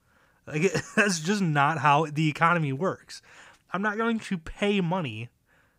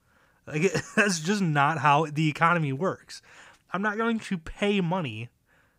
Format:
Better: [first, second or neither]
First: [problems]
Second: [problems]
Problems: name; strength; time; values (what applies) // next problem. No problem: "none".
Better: neither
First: none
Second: none